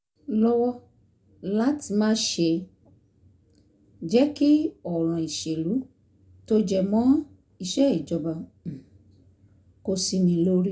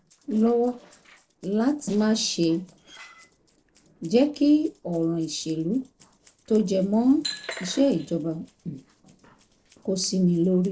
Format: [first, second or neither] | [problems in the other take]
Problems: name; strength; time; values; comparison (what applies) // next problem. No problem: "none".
first | noise reduction (neural separator model SepFormer DNS4)